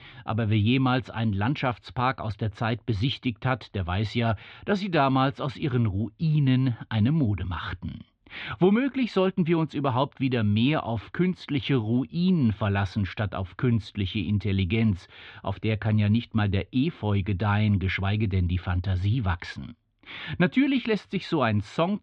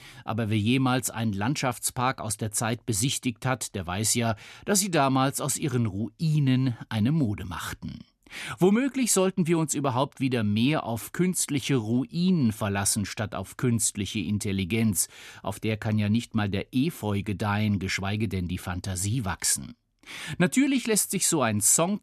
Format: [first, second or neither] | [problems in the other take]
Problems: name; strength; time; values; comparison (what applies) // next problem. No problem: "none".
second | muffled; very; fading above 3.5 kHz